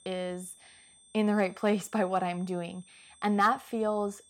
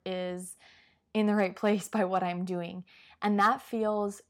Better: second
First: high-pitched whine; faint; throughout; 8.5 kHz, 25 dB below the speech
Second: none

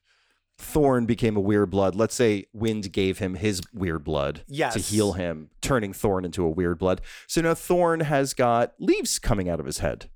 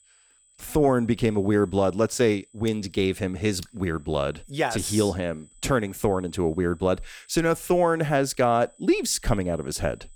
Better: first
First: none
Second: high-pitched whine; faint; throughout; 8 kHz, 30 dB below the speech

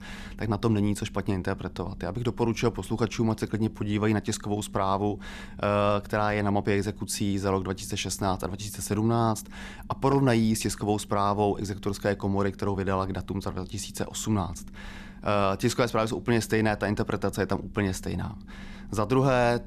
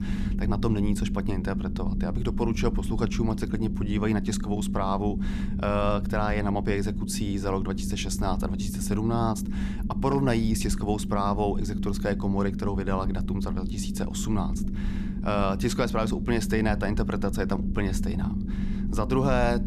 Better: first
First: low rumble; faint; throughout; 25 dB below the speech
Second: low rumble; loud; throughout; 8 dB below the speech

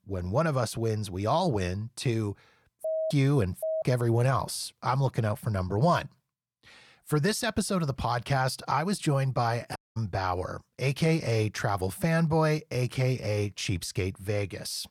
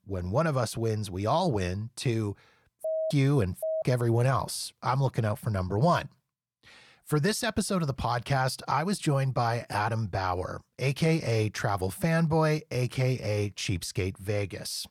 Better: second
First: audio cutting out; at 10 s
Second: none

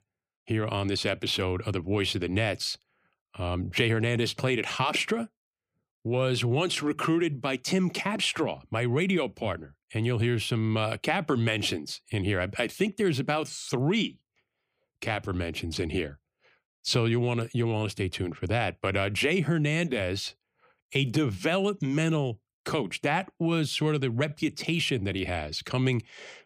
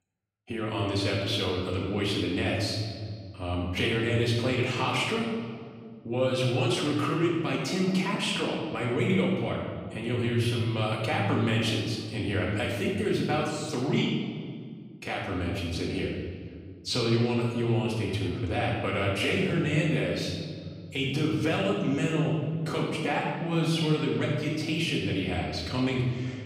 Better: first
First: none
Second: off-mic speech; far // room echo; noticeable; dies away in 1.8 s

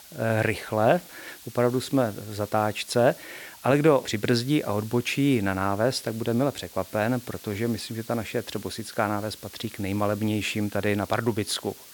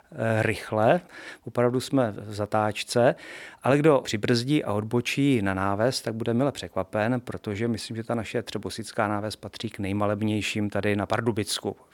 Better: second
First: hiss; noticeable; throughout; 20 dB below the speech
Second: none

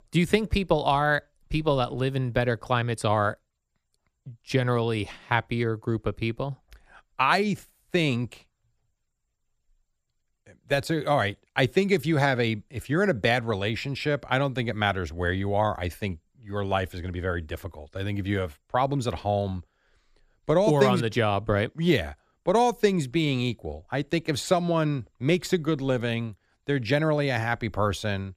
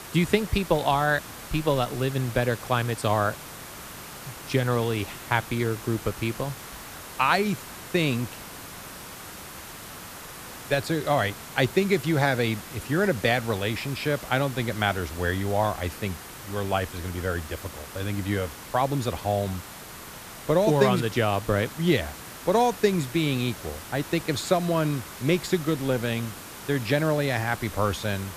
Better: first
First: none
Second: hiss; noticeable; throughout; 15 dB below the speech

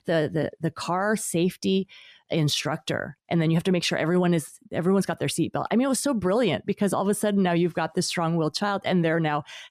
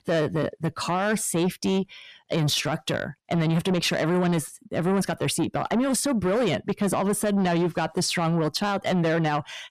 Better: first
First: none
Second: distortion; slight; 10 dB below the speech

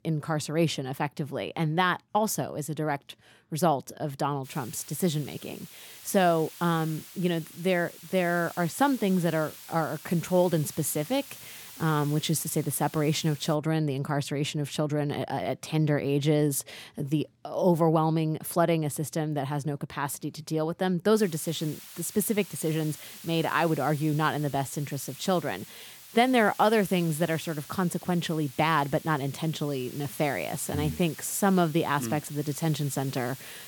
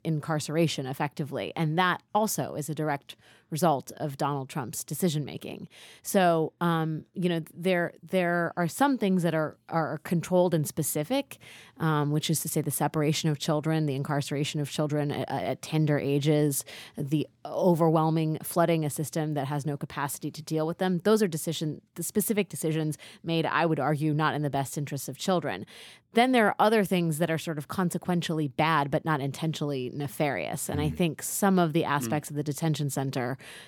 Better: second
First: hiss; noticeable; from 4.5 to 14 s and from 21 s on; 15 dB below the speech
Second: none

